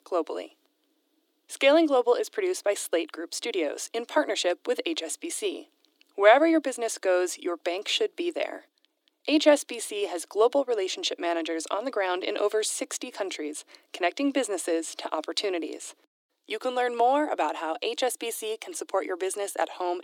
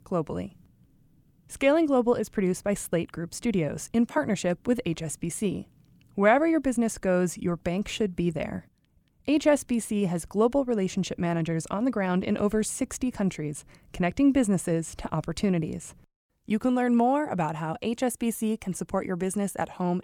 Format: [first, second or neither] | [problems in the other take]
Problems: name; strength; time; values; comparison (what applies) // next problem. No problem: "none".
second | thin; somewhat; fading below 300 Hz